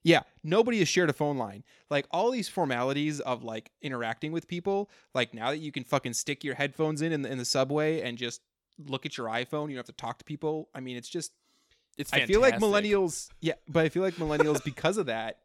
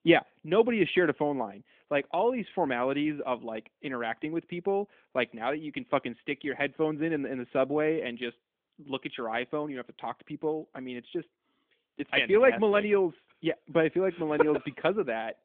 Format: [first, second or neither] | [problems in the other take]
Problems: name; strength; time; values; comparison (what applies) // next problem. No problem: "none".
first | phone-call audio; nothing above 3.5 kHz